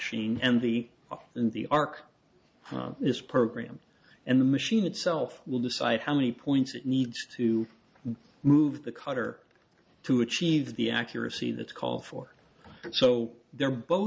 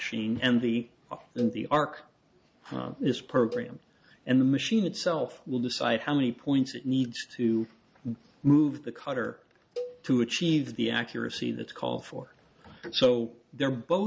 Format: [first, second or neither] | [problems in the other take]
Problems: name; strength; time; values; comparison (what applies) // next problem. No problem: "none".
first | background sound (Cowbell); 15 dB below the speech